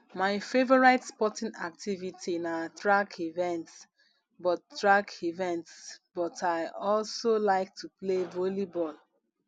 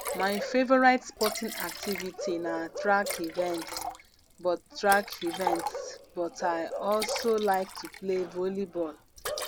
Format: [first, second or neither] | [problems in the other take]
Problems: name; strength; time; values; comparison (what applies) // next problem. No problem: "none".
first | background sound (Liquid + Bark / Livestock, farm animals, working animals); 8 dB below the speech